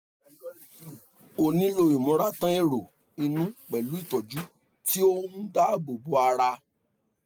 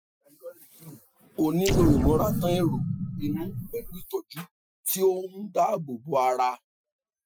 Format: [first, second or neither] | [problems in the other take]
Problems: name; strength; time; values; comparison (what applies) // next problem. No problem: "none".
first | noise reduction (classical method Wiener filter)